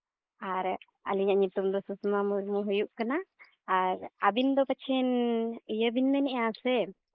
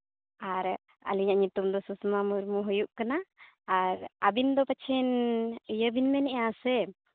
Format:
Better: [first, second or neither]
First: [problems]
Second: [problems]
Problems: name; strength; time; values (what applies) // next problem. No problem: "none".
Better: second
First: noise reduction (neural mask model Resemble Enhance denoiser)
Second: none